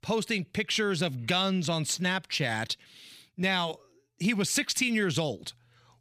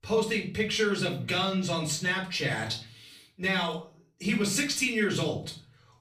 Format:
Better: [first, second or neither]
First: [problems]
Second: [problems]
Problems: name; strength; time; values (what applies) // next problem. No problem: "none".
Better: first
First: none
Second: room echo; slight; dies away in 0.4 s // off-mic speech; far